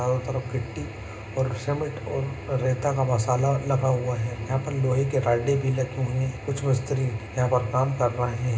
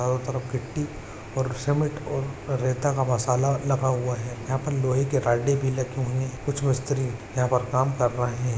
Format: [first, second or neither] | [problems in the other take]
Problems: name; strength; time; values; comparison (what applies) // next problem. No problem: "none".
second | room echo; dies away in 0.2 s